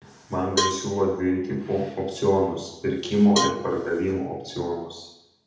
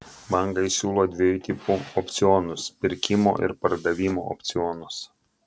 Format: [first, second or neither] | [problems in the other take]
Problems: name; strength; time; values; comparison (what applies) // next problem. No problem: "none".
second | background sound (Cowbell); 7 dB below the speech // room echo; dies away in 0.8 s